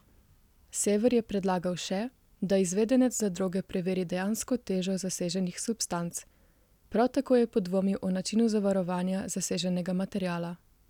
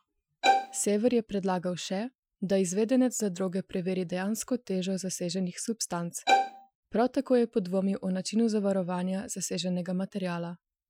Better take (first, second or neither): first